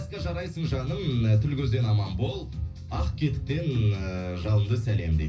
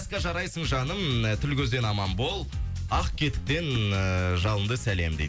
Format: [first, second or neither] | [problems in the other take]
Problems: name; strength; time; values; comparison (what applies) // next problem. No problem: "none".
second | room echo; dies away in 0.4 s